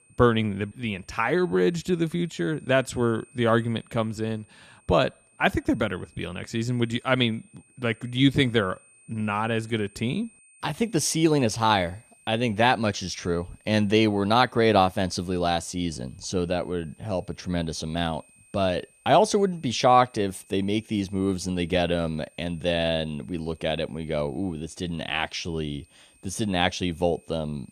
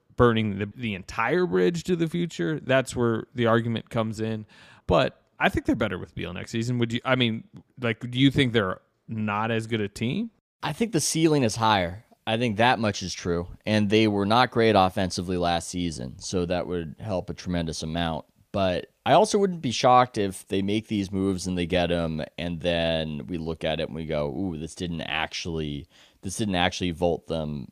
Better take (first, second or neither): second